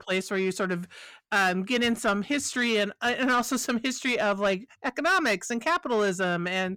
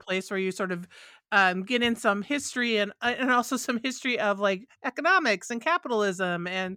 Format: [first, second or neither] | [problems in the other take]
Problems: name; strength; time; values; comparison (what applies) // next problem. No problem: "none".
second | distortion; slight; 10 dB below the speech